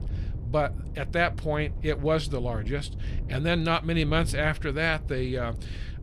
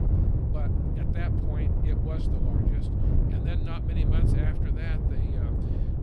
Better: first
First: wind noise on the microphone; occasional gusts; 20 dB below the speech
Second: wind noise on the microphone; heavy; 4 dB above the speech

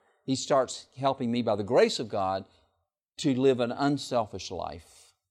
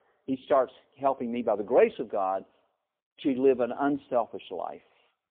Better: first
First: none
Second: phone-call audio; poor line

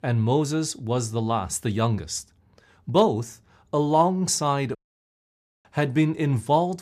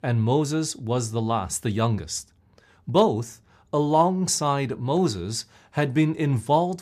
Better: second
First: audio cutting out; at 5 s for 1 s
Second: none

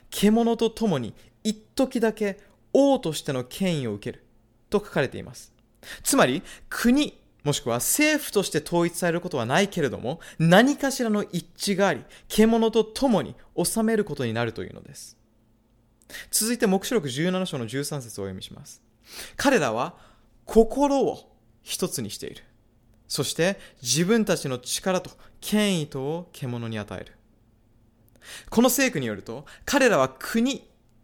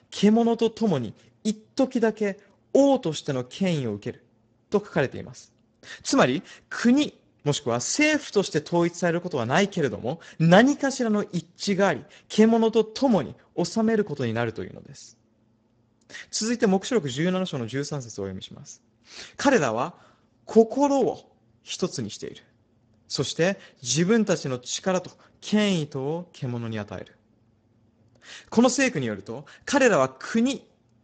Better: first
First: none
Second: garbled, watery; badly; nothing above 7.5 kHz

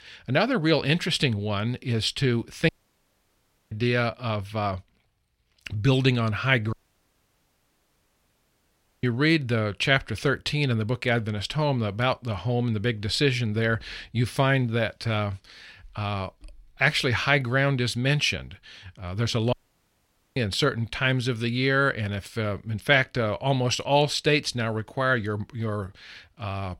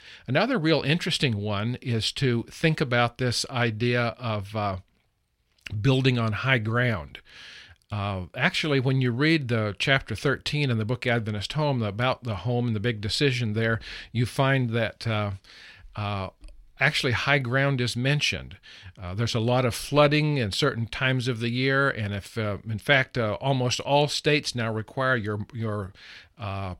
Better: second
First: audio cutting out; at 2.5 s for 1 s, at 6.5 s for 2.5 s and at 20 s for 1 s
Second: none

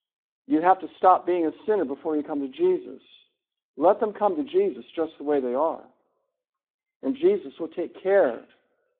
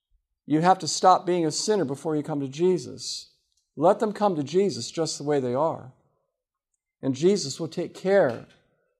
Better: second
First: phone-call audio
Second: none

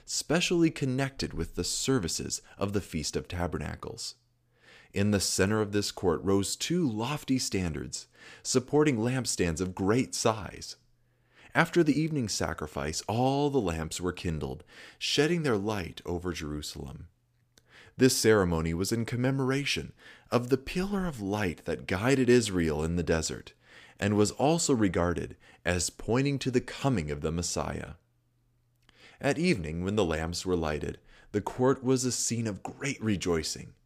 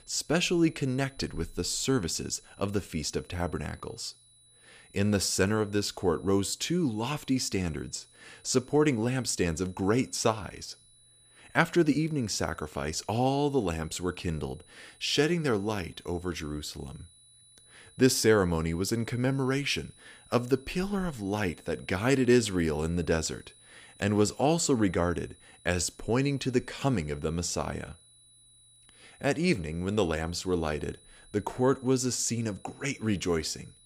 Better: first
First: none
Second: high-pitched whine; faint; throughout; 10 kHz, 25 dB below the speech

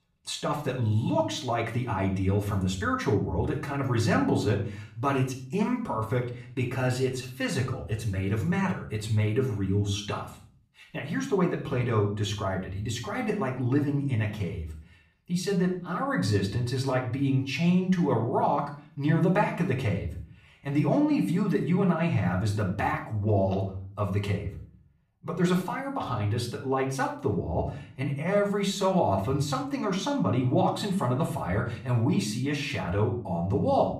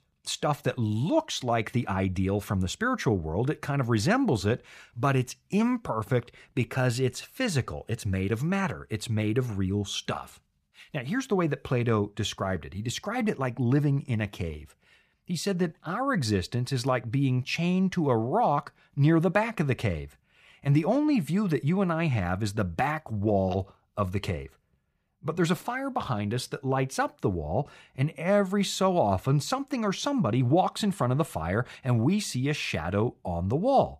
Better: second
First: off-mic speech; far // room echo; slight; dies away in 0.4 s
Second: none

